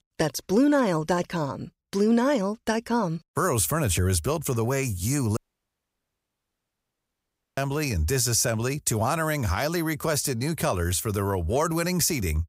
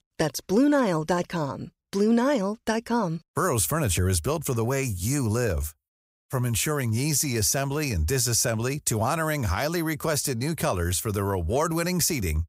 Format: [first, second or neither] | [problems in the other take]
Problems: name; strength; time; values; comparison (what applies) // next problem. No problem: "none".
second | audio cutting out; at 5.5 s for 2 s